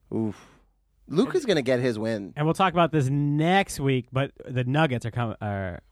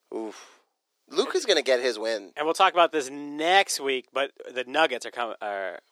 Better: first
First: none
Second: thin; very; fading below 400 Hz

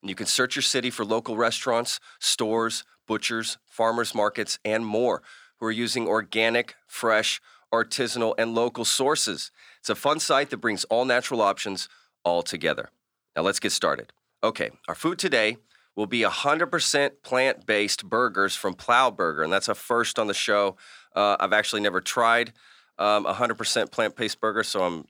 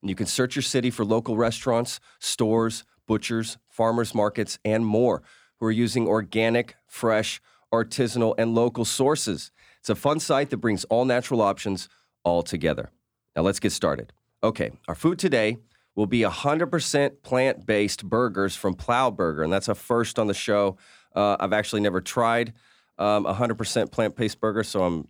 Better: second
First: thin; somewhat; fading below 1 kHz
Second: none

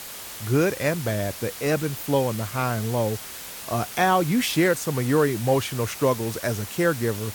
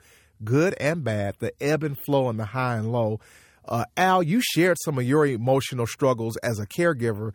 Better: second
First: hiss; noticeable; throughout; 10 dB below the speech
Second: none

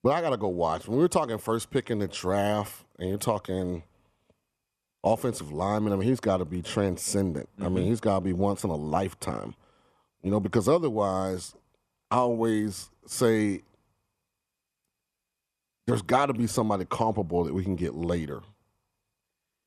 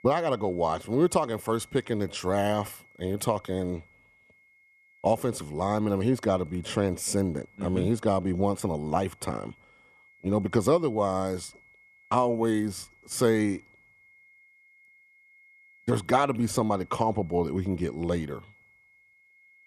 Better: first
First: none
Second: high-pitched whine; faint; throughout; 2 kHz, 30 dB below the speech

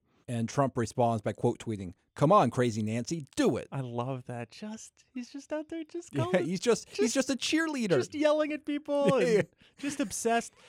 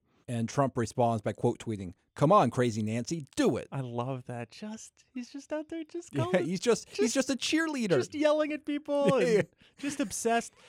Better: neither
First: none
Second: none

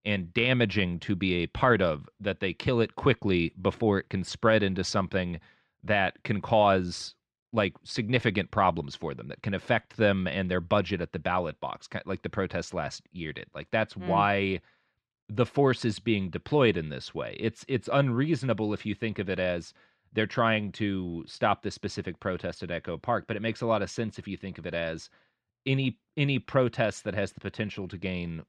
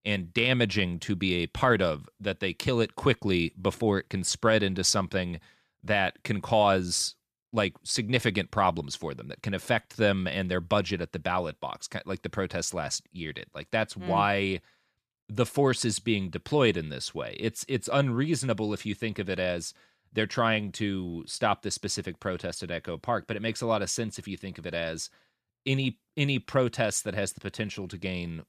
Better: second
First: muffled; slightly; fading above 3 kHz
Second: none

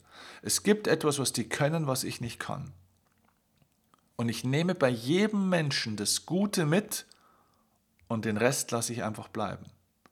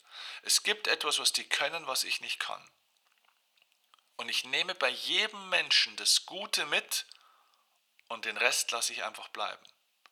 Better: first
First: none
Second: thin; very; fading below 850 Hz

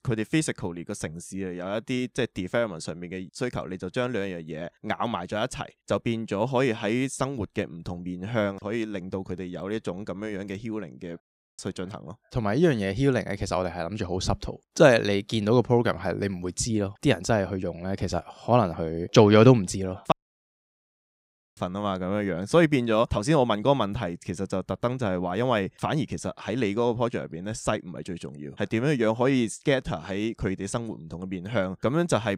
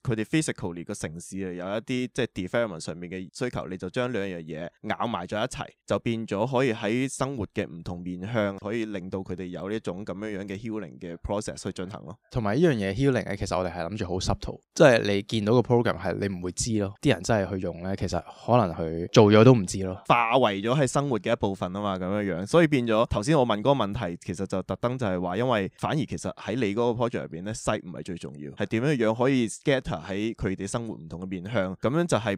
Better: second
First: audio cutting out; at 11 s and at 20 s for 1.5 s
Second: none

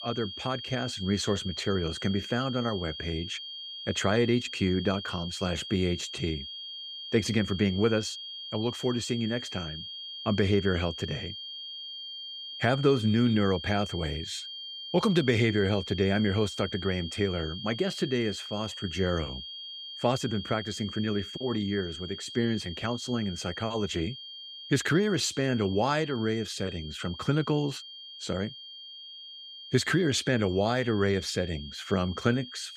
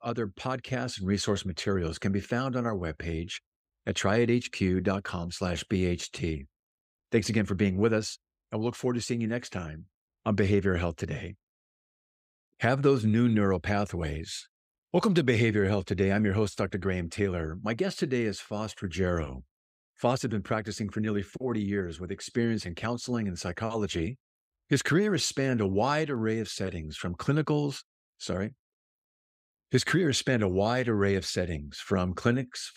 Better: second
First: high-pitched whine; loud; throughout; 3 kHz, 9 dB below the speech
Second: none

